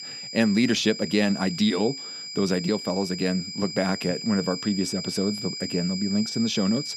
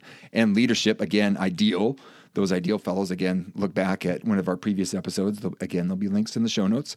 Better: second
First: high-pitched whine; loud; throughout; 5 kHz, 7 dB below the speech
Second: none

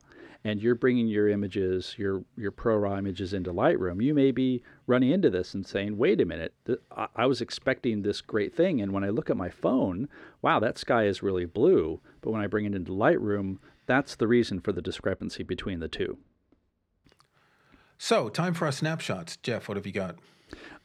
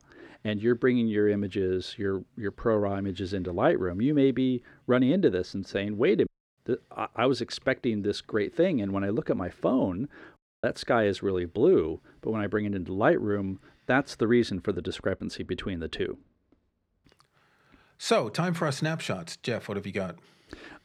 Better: first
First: none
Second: audio cutting out; at 6.5 s and at 10 s

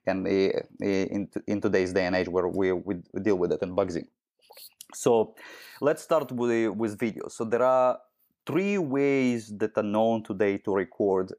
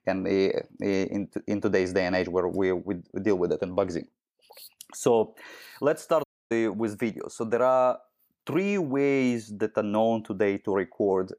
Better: first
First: none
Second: audio cutting out; at 6 s

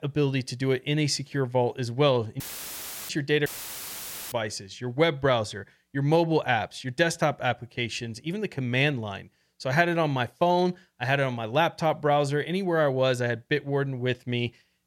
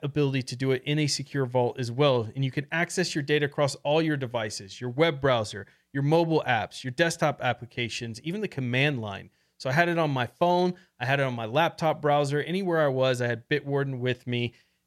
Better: second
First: audio cutting out; filled with static; at 2.5 s for 0.5 s and at 3.5 s for 1 s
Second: none

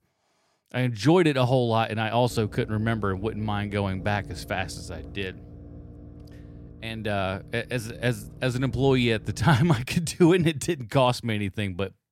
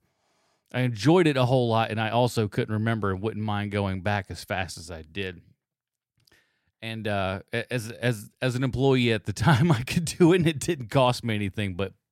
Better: second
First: low rumble; faint; from 2.5 to 10 s; 25 dB below the speech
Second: none

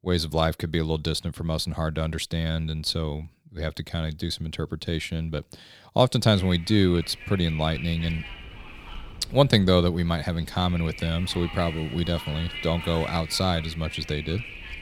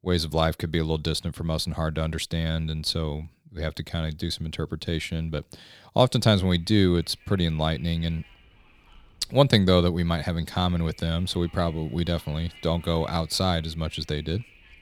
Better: second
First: wind noise on the microphone; heavy; from 6.5 s on; 9 dB below the speech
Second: wind noise on the microphone; occasional gusts; from 6.5 s on; 25 dB below the speech

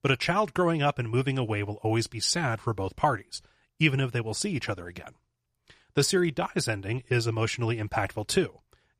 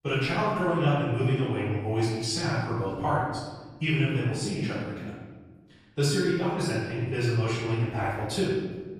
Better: first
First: none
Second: off-mic speech; far // room echo; strong; dies away in 1.4 s

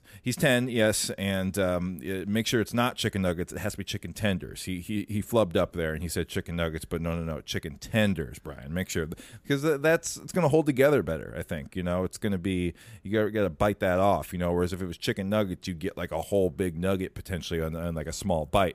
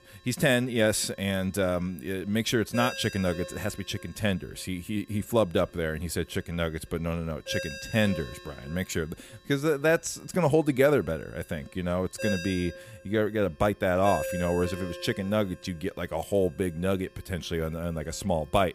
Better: first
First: none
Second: alarms or sirens; loud; throughout; 10 dB below the speech

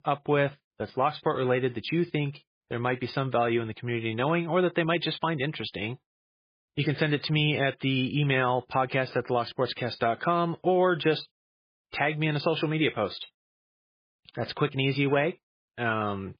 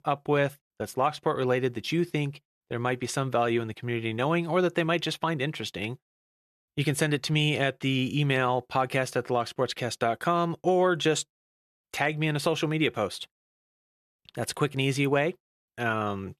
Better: second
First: garbled, watery; badly; nothing above 4.5 kHz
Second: none

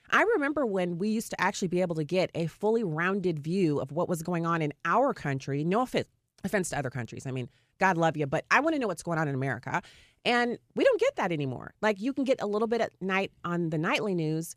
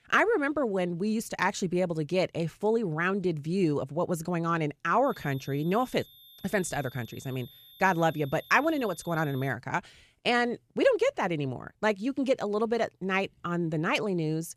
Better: first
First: none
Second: high-pitched whine; faint; from 5 to 9.5 s; 3.5 kHz, 20 dB below the speech

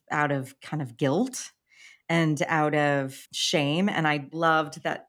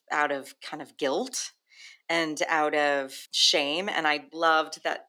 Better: first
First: none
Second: thin; somewhat; fading below 350 Hz

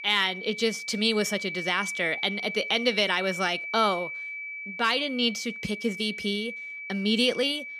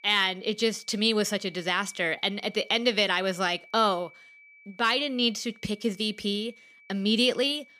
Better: second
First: high-pitched whine; loud; throughout; 2.5 kHz, 8 dB below the speech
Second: high-pitched whine; faint; throughout; 2.5 kHz, 25 dB below the speech

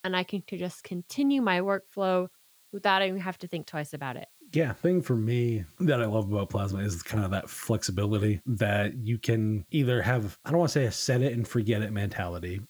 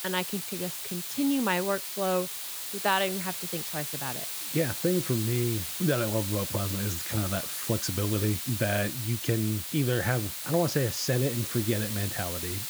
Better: first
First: hiss; faint; throughout; 30 dB below the speech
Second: hiss; loud; throughout; 3 dB below the speech

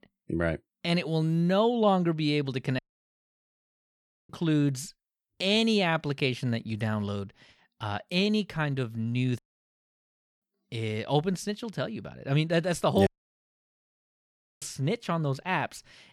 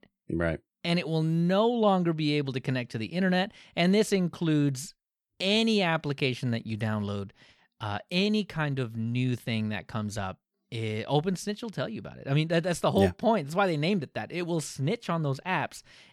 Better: second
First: audio cutting out; at 3 s for 1.5 s, at 9.5 s for 1 s and at 13 s for 1.5 s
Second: none

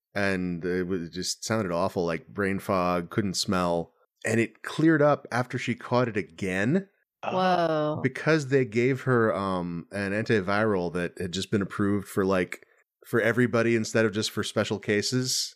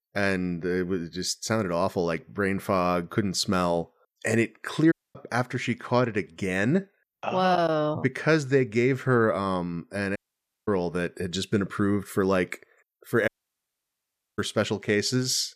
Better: first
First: none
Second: audio cutting out; at 5 s, at 10 s for 0.5 s and at 13 s for 1 s

